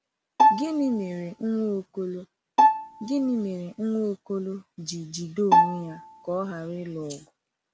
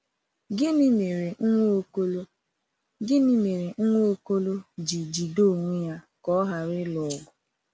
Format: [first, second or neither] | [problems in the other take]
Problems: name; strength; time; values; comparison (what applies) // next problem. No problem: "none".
second | background sound (Bowed string instrument); 5 dB above the speech